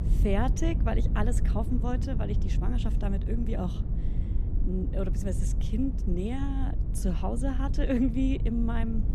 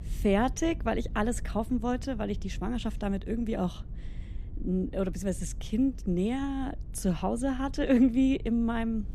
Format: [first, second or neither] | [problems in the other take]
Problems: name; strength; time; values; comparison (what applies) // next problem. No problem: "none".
second | low rumble; loud; throughout; 10 dB below the speech; faint in the second